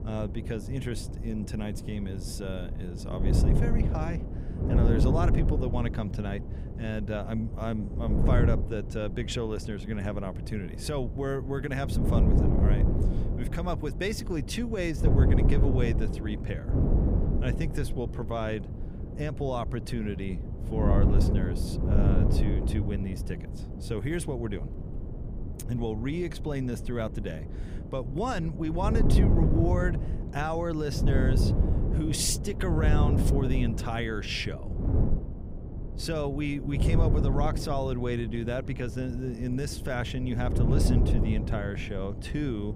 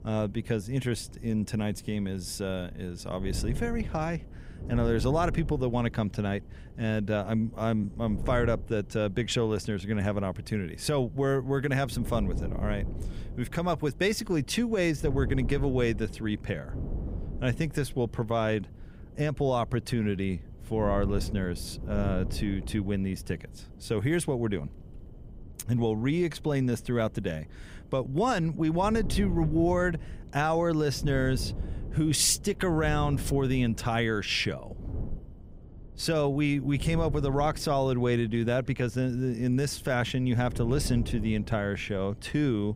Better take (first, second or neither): second